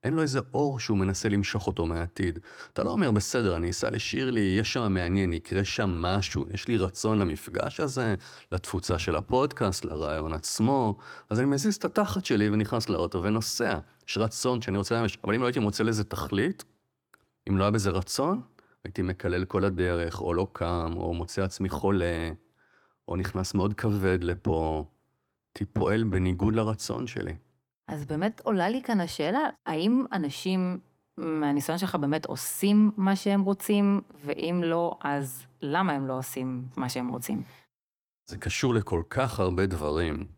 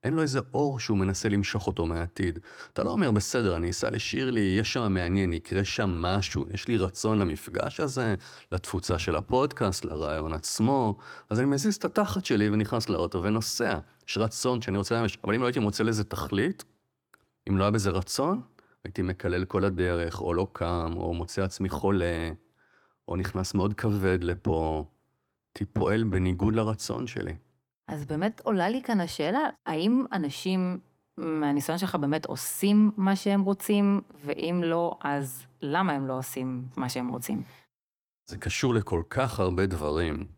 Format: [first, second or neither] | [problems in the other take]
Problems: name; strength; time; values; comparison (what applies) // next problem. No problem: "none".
neither | none